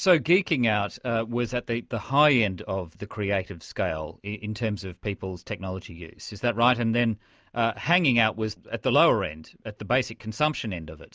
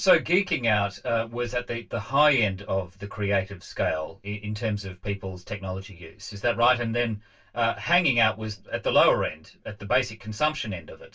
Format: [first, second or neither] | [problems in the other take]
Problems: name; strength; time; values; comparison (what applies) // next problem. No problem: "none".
first | room echo; dies away in 0.1 s